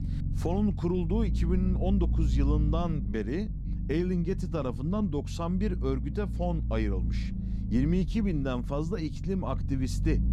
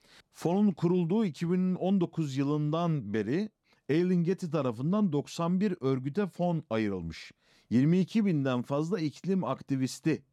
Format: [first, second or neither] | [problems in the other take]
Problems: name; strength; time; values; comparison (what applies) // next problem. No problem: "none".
second | low rumble; noticeable; throughout; 10 dB below the speech